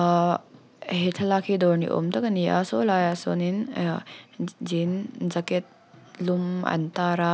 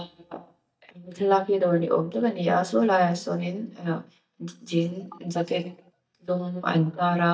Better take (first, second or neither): first